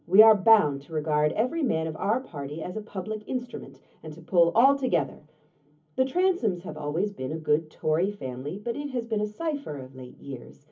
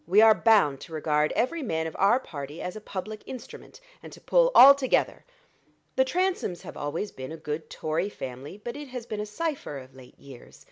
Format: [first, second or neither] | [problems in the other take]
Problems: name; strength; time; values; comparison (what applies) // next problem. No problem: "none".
second | room echo; dies away in 0.3 s